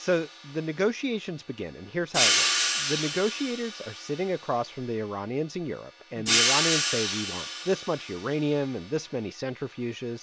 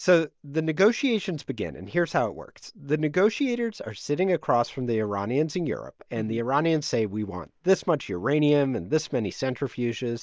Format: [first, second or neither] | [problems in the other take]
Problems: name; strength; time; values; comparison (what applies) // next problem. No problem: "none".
second | background sound (Hi-hat); 1 dB below the speech